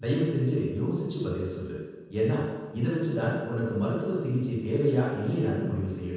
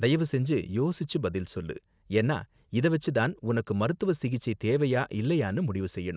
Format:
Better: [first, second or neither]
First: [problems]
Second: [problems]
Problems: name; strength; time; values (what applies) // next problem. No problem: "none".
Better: second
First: room echo; dies away in 1.2 s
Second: none